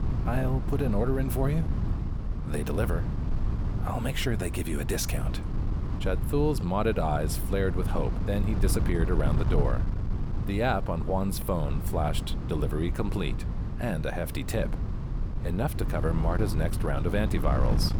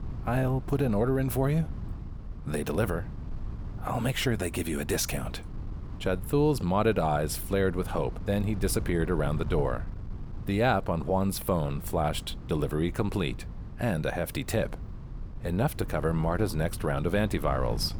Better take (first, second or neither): second